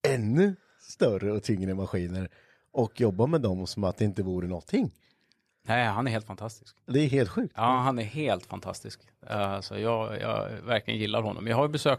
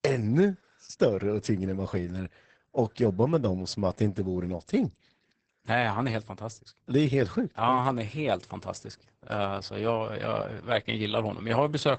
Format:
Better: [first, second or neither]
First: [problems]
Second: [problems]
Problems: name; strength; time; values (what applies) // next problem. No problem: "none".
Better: first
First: none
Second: garbled, watery; badly; nothing above 8 kHz